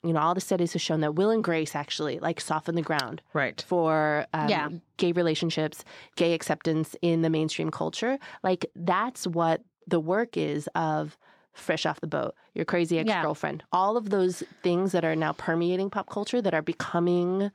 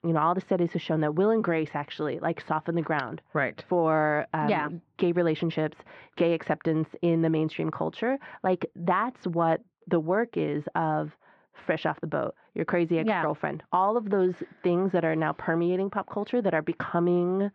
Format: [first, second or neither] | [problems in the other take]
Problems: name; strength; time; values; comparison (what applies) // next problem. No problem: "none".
first | muffled; very; fading above 2.5 kHz